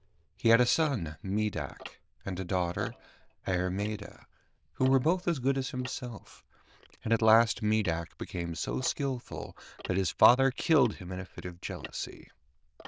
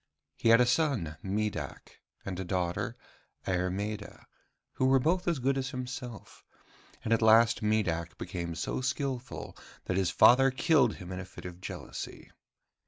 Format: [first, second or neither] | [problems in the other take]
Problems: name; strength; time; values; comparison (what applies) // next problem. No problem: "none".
second | noise reduction (neural diffusion model UNIVERSE++)